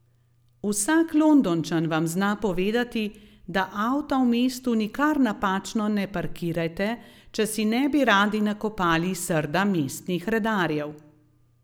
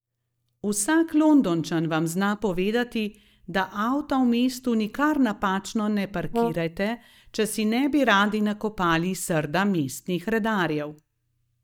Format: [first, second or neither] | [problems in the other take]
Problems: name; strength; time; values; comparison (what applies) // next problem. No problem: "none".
first | noise reduction (neural mask model DeepFilterNet 3)